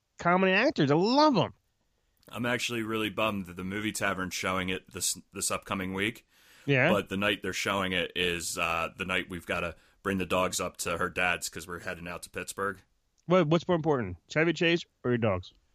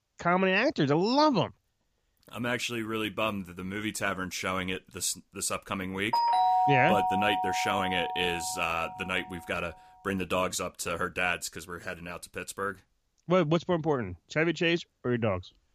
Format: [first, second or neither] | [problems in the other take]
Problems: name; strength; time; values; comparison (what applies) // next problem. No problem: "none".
first | doorbell; loud; from 6 to 9 s; peak 5 dB above the speech